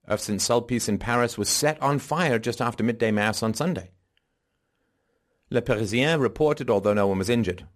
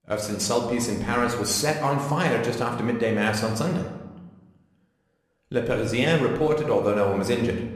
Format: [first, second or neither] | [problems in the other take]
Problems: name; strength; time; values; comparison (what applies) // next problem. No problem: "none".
first | room echo; slight; dies away in 0.9 s